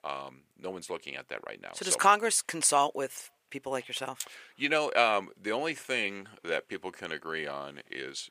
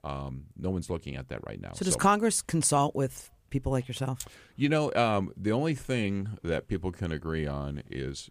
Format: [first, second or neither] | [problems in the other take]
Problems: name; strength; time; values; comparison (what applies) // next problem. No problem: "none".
second | thin; very; fading below 500 Hz